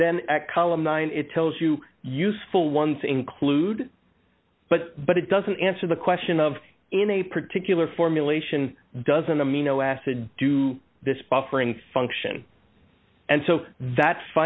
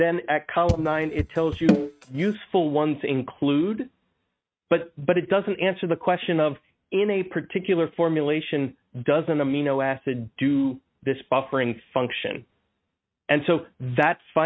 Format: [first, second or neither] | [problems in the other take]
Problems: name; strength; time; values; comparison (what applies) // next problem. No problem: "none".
first | noise reduction (neural mask model RNNoise)